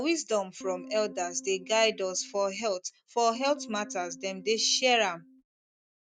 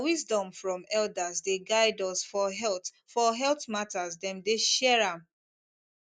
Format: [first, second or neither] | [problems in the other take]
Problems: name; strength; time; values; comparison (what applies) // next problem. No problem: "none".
second | noise reduction (neural mask model RNNoise)